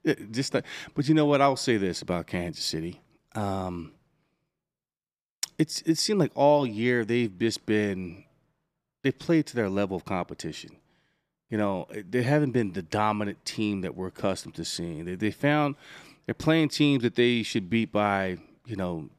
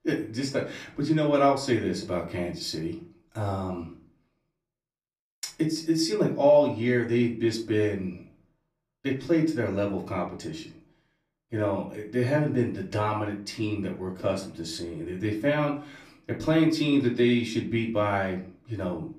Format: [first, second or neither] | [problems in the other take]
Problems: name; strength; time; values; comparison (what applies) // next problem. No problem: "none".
first | off-mic speech; far // room echo; slight; dies away in 0.3 s